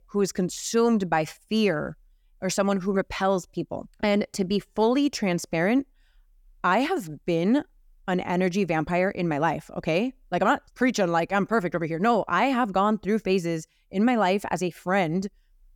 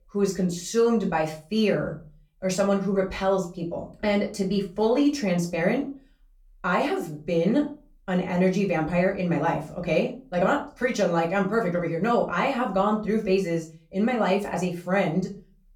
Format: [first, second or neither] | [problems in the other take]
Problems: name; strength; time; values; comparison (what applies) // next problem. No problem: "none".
first | off-mic speech; far // room echo; very slight; dies away in 0.3 s